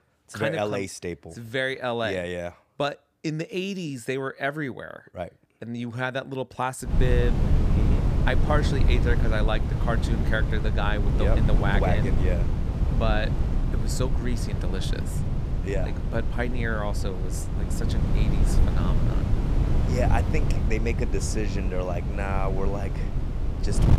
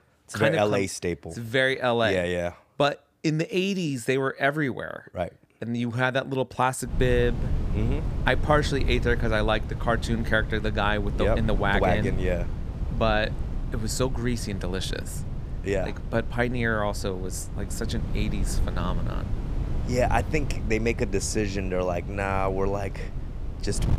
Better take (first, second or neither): second